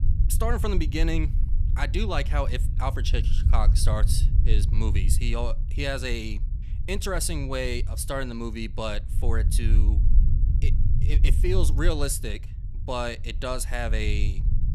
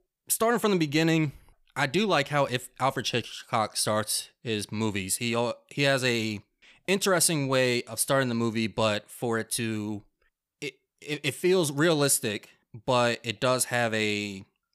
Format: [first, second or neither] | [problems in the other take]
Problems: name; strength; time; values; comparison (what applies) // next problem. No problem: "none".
second | low rumble; noticeable; throughout; 15 dB below the speech